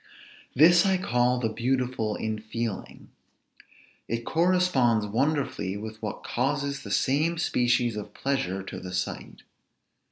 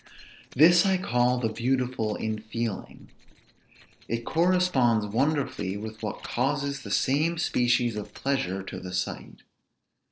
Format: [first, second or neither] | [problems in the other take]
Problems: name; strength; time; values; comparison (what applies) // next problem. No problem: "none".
first | noise reduction (neural separator model SepFormer DNS4)